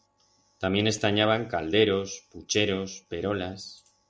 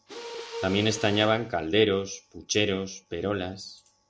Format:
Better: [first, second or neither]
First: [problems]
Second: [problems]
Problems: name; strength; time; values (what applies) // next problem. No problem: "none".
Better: first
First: none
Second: background sound (Mechanisms); 14 dB below the speech